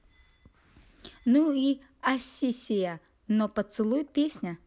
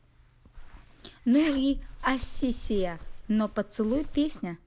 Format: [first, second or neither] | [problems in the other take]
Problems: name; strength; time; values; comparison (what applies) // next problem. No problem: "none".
first | noise reduction (neural mask model Resemble Enhance denoiser)